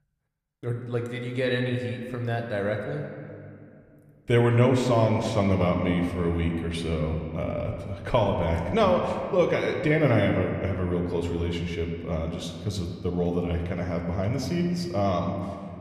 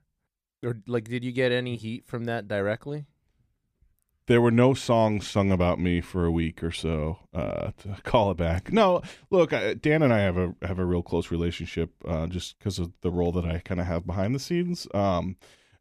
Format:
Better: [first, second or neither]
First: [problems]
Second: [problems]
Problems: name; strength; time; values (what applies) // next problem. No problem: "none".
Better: second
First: room echo; slight; dies away in 2 s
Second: none